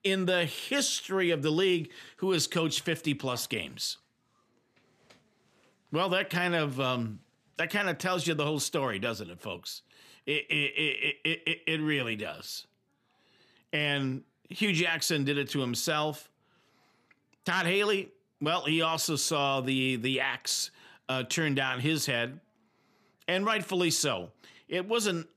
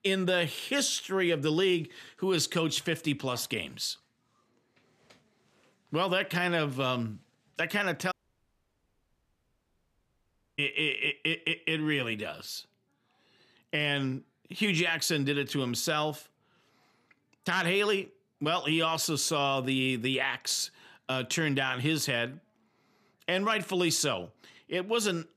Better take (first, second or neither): first